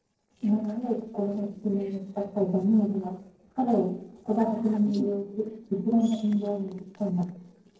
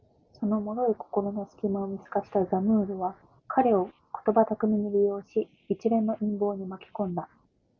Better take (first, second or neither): second